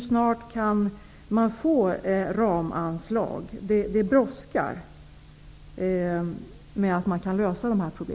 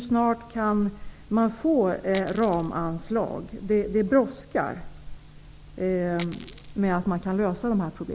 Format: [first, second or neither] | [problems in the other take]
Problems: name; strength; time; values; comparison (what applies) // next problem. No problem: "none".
first | background sound (Coin (dropping)); 17 dB below the speech